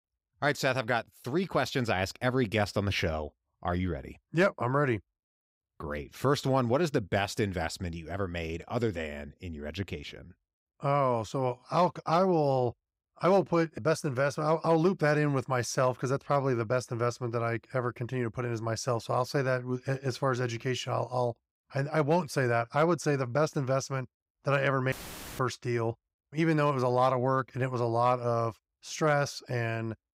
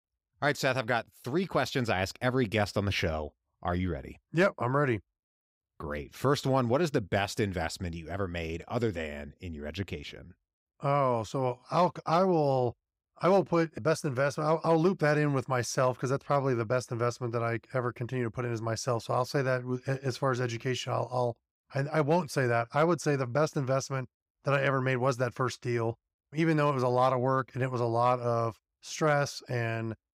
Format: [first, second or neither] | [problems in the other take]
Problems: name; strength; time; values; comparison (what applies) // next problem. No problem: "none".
second | audio cutting out; filled with static; at 25 s